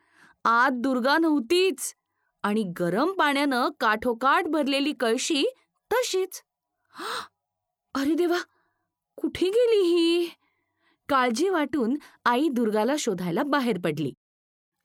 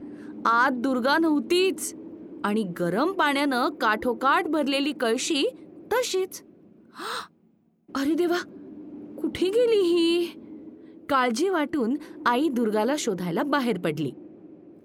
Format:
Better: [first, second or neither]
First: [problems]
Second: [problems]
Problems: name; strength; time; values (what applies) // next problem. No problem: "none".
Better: first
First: none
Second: wind noise on the microphone; occasional gusts; 20 dB below the speech